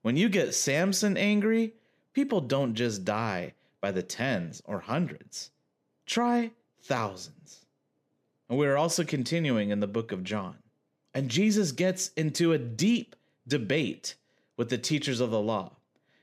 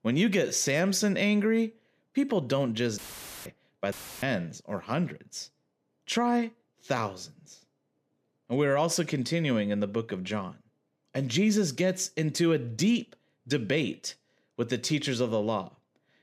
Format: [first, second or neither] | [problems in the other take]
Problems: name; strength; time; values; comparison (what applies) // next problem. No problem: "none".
first | audio cutting out; filled with static; at 3 s and at 4 s